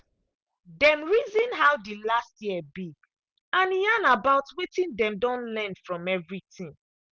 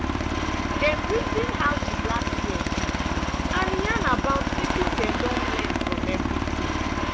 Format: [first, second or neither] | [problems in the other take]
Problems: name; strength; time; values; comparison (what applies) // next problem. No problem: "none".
first | background sound (Aircraft); 5 dB above the speech